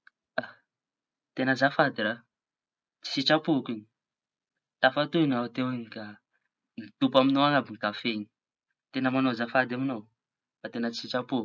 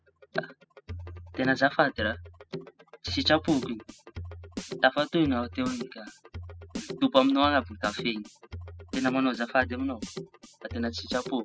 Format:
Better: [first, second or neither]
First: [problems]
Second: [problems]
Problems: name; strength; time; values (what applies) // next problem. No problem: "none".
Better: first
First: none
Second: noise reduction (classical method spectral subtraction)